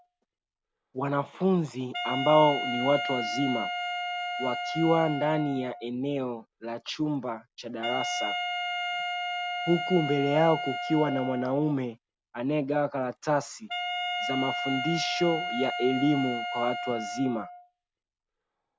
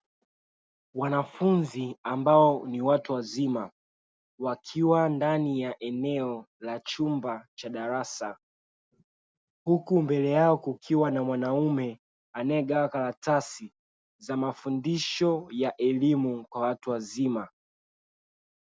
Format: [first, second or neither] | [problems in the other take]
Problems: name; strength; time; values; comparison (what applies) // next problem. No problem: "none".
second | background sound (Wind instrument, woodwind instrument); 5 dB below the speech